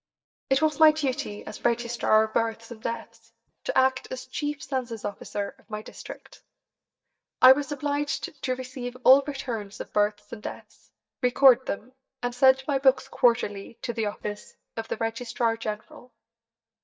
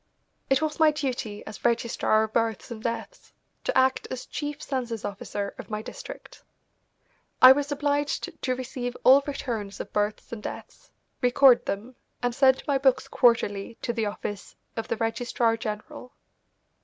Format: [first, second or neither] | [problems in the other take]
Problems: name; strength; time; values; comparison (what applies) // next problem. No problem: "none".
second | noise reduction (neural mask model DeepFilterNet 3)